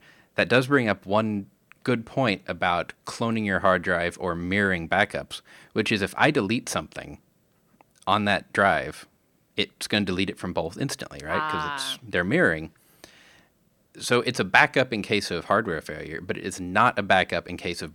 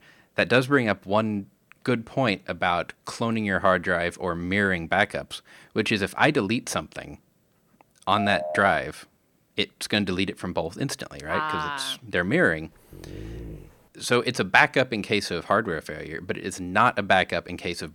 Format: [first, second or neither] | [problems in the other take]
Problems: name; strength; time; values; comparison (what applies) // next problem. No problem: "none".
first | phone ringing; noticeable; at 8 s; peak 6 dB below the speech // dog barking; faint; at 13 s; peak 15 dB below the speech